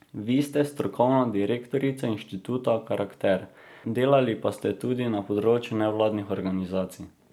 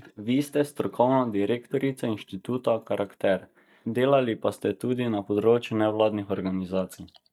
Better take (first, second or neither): first